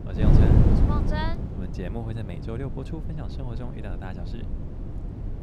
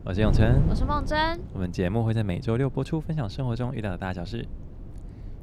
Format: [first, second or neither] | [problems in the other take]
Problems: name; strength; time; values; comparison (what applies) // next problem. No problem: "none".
second | wind noise on the microphone; heavy; 1 dB above the speech; occasional gusts in the second